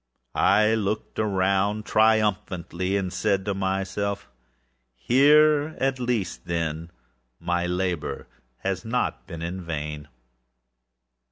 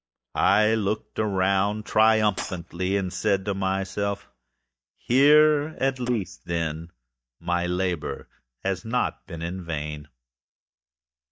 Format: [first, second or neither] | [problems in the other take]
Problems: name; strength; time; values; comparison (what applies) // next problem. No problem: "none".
first | noise reduction (neural mask model DeepFilterNet 3)